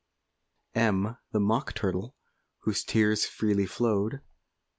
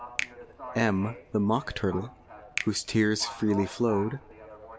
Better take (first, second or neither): first